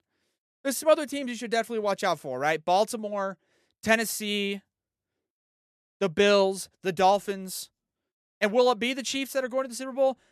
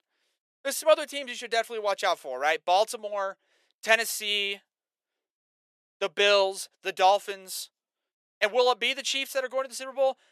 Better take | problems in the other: first | thin; somewhat; fading below 600 Hz

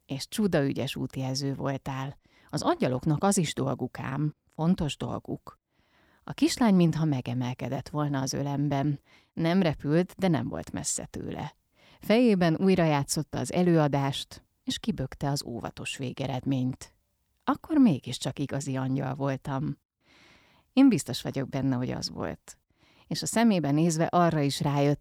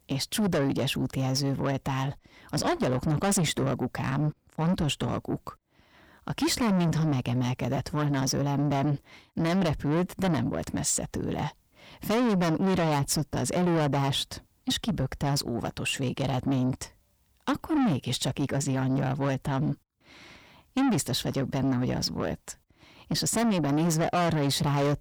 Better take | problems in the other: first | distortion; heavy; 5 dB below the speech

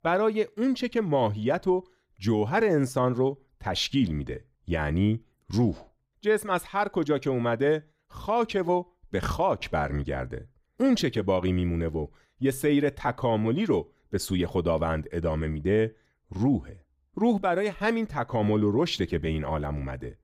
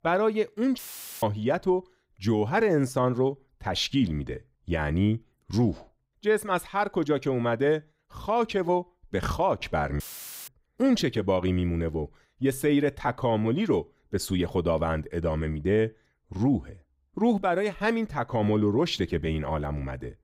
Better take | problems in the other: first | audio cutting out; filled with static; at 1 s and at 10 s

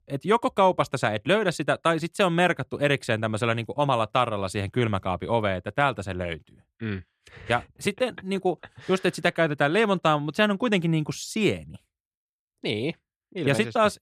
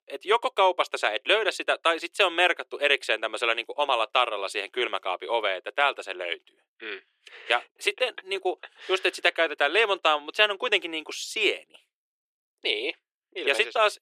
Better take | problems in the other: first | thin; very; fading below 350 Hz

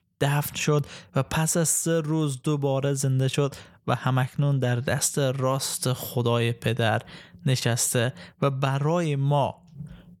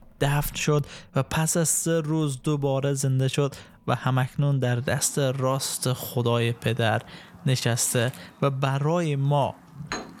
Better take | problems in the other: first | animal sounds; faint; throughout; 20 dB below the speech

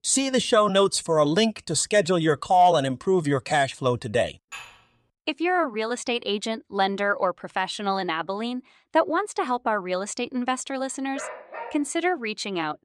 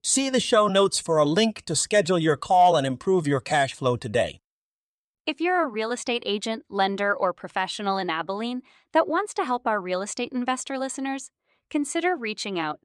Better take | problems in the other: second | clattering dishes; faint; at 4.5 s; peak 15 dB below the speech // dog barking; faint; at 11 s; peak 10 dB below the speech

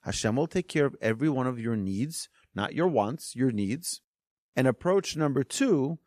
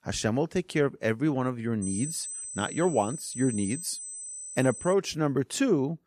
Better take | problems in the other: first | high-pitched whine; loud; from 2 to 5 s; 8 kHz, 8 dB below the speech

